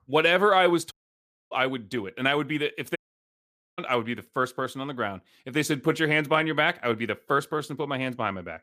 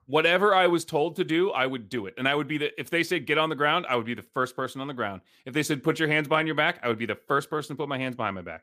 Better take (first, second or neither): second